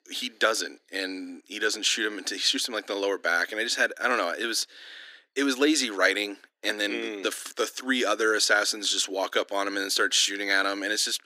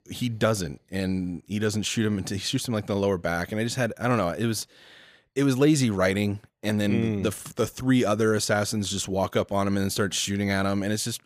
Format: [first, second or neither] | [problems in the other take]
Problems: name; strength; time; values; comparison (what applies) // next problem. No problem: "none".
second | thin; somewhat; fading below 250 Hz